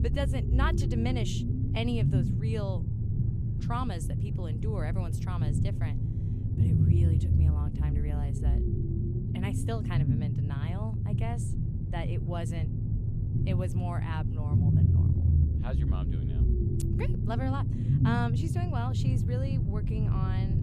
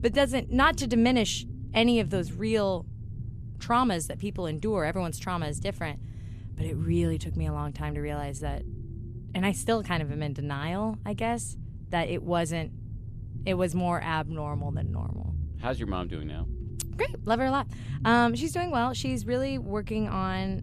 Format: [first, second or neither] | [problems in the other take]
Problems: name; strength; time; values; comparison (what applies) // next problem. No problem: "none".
second | low rumble; loud; throughout; 1 dB below the speech; faint in the second